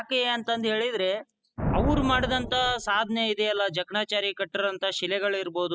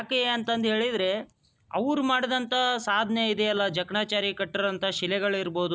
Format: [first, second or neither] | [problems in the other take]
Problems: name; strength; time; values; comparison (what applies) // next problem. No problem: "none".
second | noise reduction (classical method spectral subtraction)